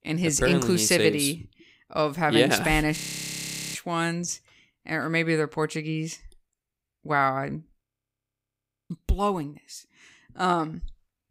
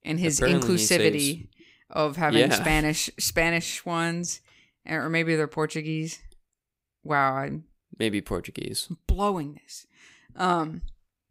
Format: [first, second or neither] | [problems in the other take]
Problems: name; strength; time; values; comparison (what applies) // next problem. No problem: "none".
second | audio freezing; at 3 s for 1 s and at 8 s for 1 s